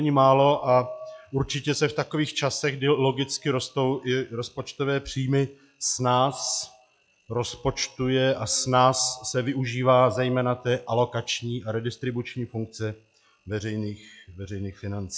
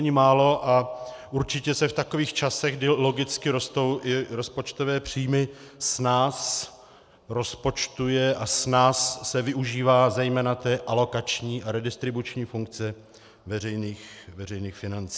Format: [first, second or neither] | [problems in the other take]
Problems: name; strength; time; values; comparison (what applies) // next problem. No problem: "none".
second | noise reduction (classical method log-MMSE)